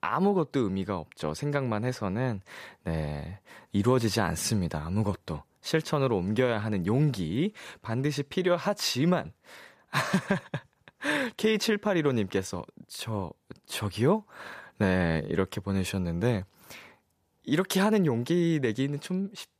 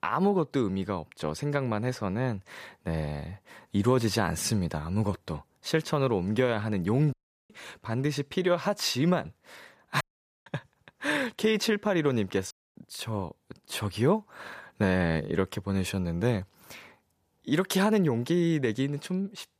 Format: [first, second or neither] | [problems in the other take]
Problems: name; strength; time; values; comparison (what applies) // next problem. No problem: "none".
first | audio cutting out; at 7 s, at 10 s and at 13 s